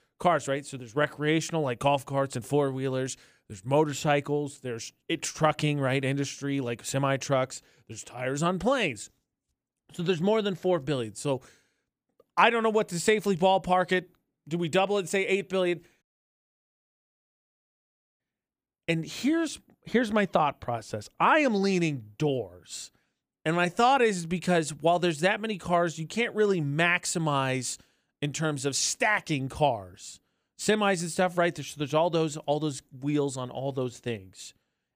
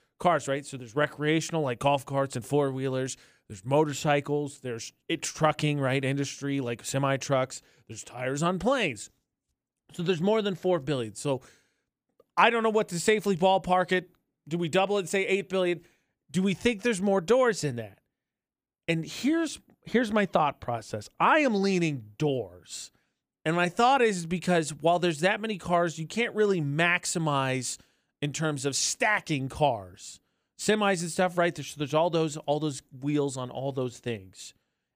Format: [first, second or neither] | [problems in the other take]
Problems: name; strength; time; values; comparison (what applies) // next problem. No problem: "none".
second | audio cutting out; at 16 s for 2 s